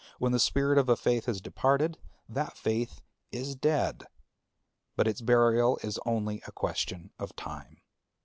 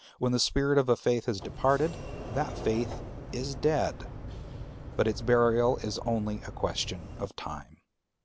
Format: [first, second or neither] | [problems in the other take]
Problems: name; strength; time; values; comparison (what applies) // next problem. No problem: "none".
first | background sound (Sliding door); 11 dB below the speech